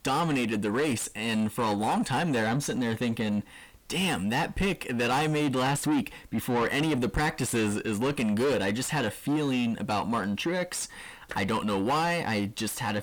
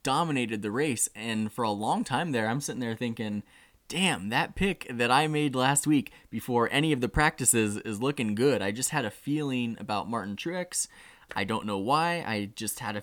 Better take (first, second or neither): second